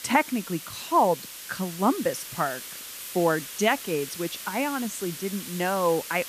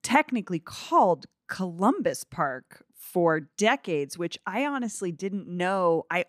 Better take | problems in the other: second | hiss; loud; throughout; 10 dB below the speech

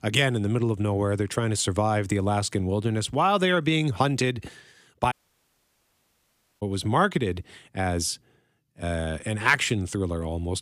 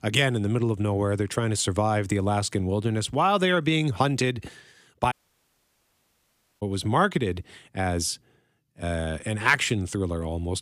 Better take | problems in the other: neither | audio cutting out; at 5 s for 1.5 s; the same in both

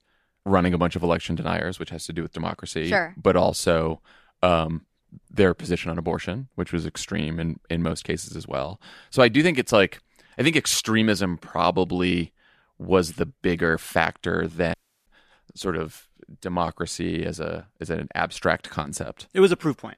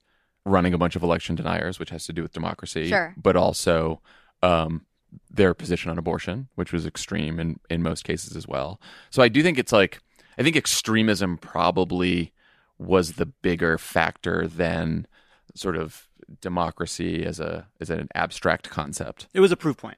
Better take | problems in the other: second | audio cutting out; at 15 s

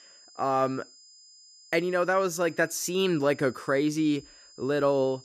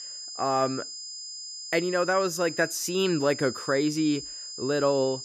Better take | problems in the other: first | high-pitched whine; loud; throughout; 5 kHz, 9 dB below the speech; faint in the first

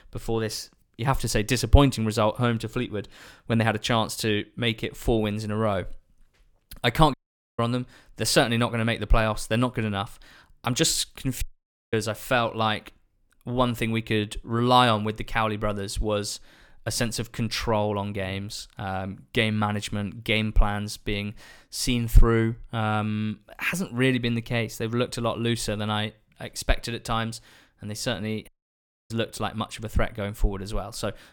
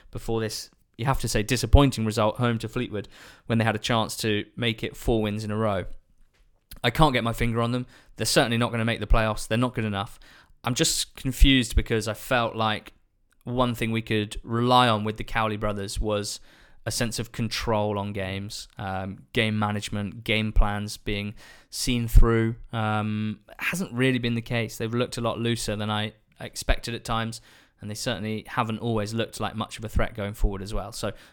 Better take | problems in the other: second | audio cutting out; at 7 s, at 11 s for 0.5 s and at 28 s for 0.5 s

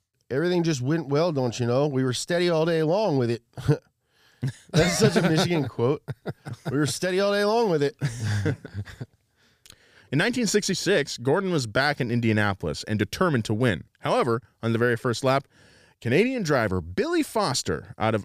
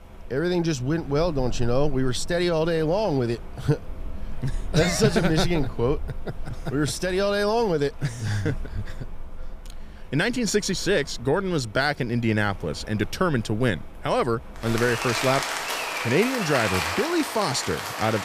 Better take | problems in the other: first | rain or running water; loud; throughout; 8 dB below the speech

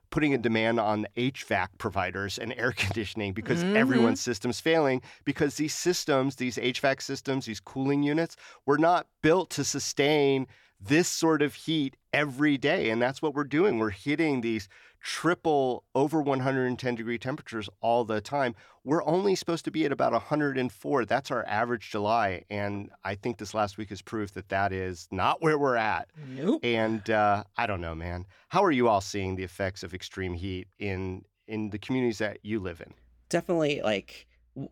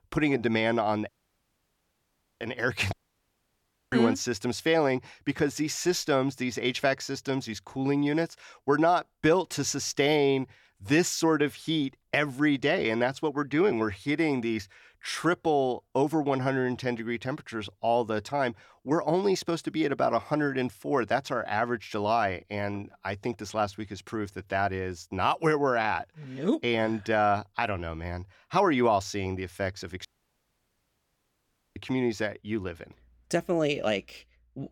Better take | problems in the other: first | audio cutting out; at 1 s for 1.5 s, at 3 s for 1 s and at 30 s for 1.5 s

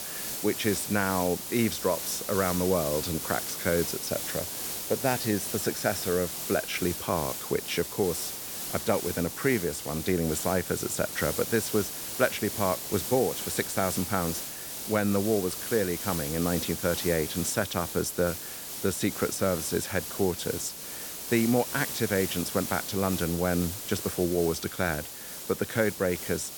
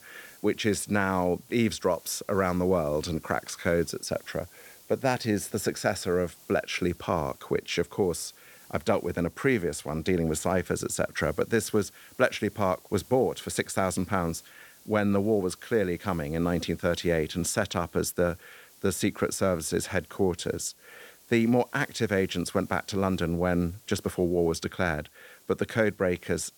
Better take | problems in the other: second | hiss; loud; throughout; 4 dB below the speech; faint in the second

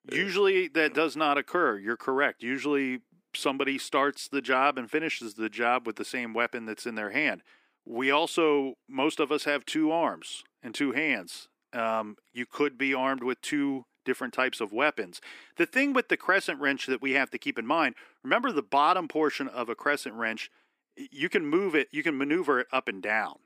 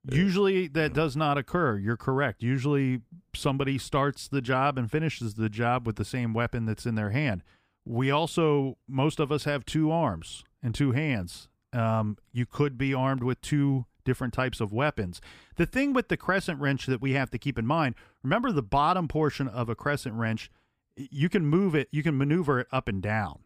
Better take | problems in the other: second | thin; somewhat; fading below 300 Hz

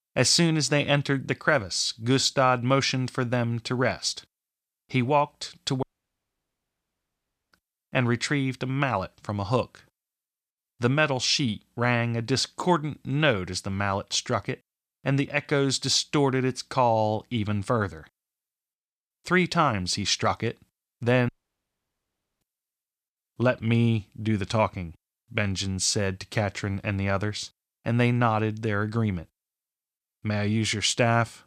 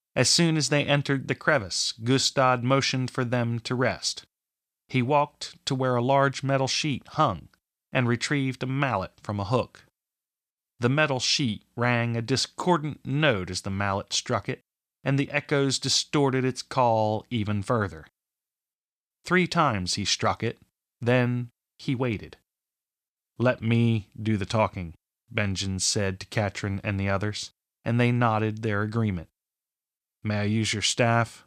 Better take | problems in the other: second | audio cutting out; at 6 s for 1.5 s and at 21 s for 1 s

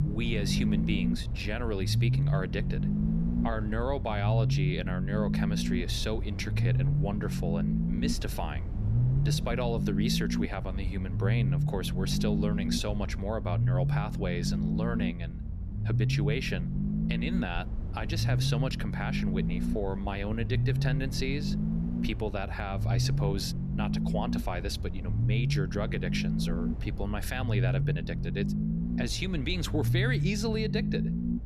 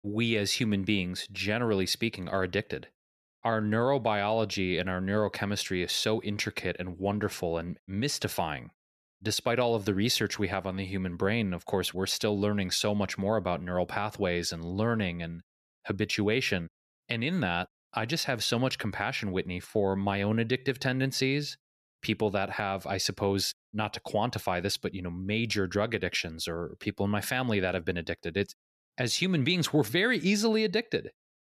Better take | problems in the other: second | low rumble; loud; throughout; 5 dB below the speech

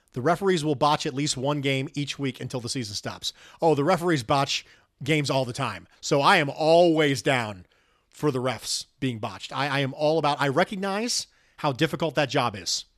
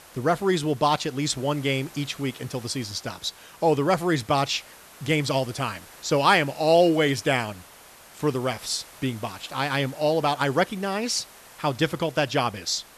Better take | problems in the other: first | hiss; faint; throughout; 20 dB below the speech

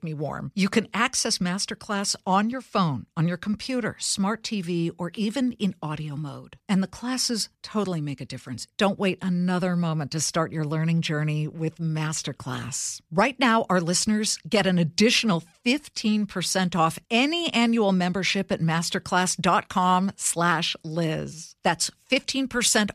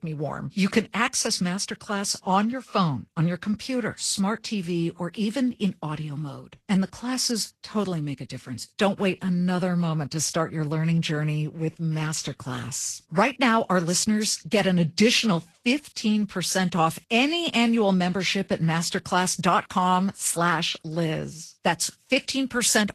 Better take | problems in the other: first | garbled, watery; slightly; nothing above 12 kHz

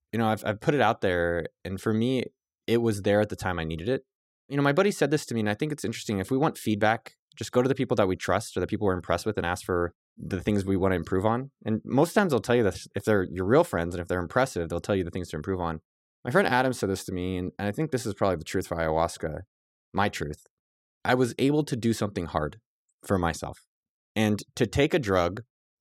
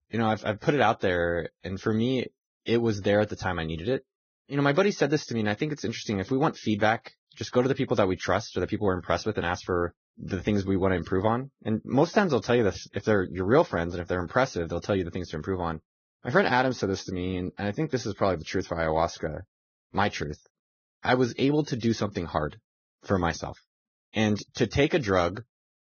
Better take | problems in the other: first | garbled, watery; badly; nothing above 6.5 kHz

